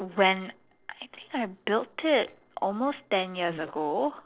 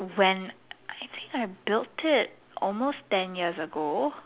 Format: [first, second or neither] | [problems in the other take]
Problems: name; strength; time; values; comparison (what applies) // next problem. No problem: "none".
second | noise reduction (neural separator model SepFormer DNS4)